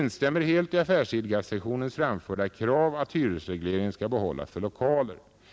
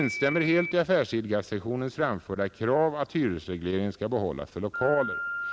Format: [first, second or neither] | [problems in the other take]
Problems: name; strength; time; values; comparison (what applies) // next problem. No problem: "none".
first | background sound (Telephone); 11 dB below the speech